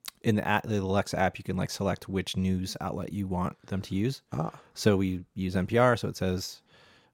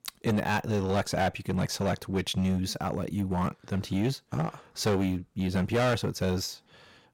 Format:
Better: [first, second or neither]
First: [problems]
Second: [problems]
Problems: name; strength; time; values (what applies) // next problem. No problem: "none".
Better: first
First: none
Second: distortion; heavy; 8% of the sound clipped